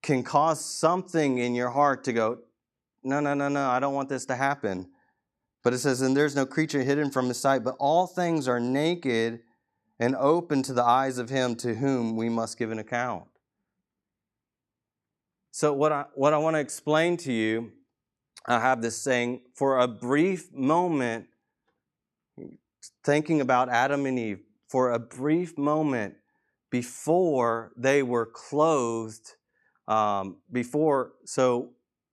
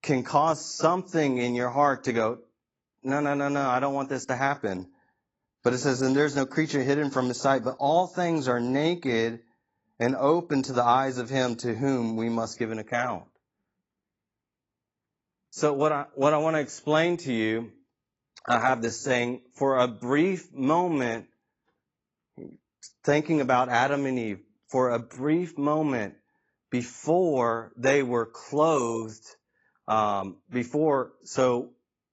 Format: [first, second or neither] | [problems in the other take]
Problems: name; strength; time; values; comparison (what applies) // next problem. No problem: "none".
first | garbled, watery; badly; nothing above 7.5 kHz